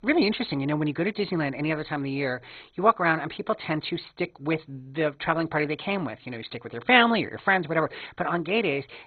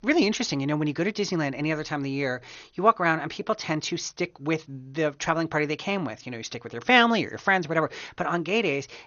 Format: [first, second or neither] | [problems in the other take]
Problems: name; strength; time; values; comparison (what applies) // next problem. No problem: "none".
second | garbled, watery; badly; nothing above 4 kHz; slightly in the second